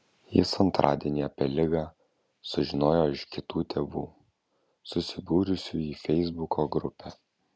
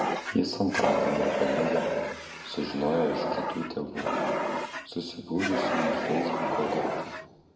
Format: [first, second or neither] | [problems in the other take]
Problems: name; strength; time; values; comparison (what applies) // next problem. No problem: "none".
first | background sound (Fire); 1 dB above the speech // room echo; dies away in 1.5 s